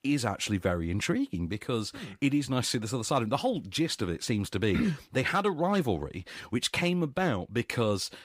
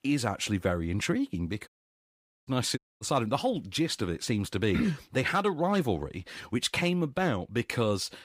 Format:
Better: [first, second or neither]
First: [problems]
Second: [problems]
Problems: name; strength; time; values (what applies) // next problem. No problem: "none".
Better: first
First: none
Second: audio cutting out; at 1.5 s for 1 s and at 3 s